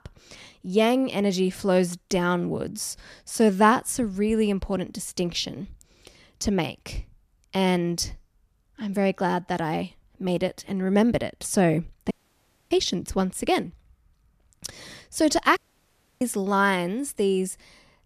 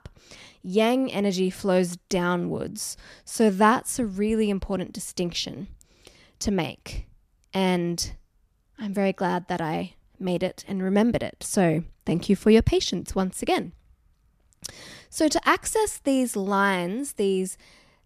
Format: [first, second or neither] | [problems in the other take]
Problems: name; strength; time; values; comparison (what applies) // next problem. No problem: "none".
second | audio cutting out; at 12 s for 0.5 s and at 16 s for 0.5 s